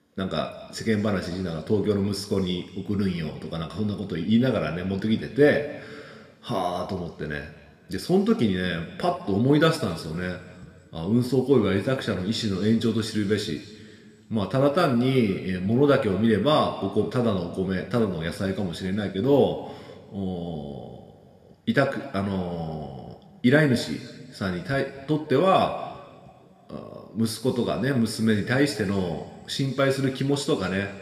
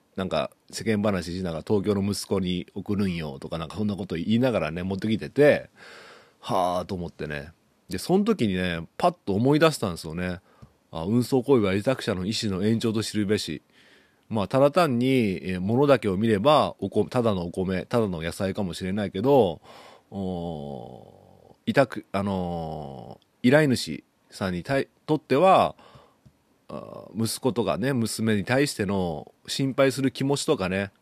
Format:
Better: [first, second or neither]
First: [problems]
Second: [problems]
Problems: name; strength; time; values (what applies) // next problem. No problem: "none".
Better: second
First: room echo; slight; dies away in 1.6 s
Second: none